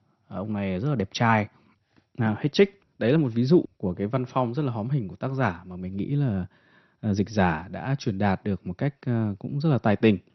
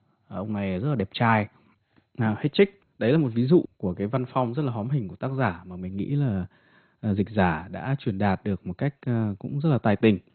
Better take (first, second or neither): first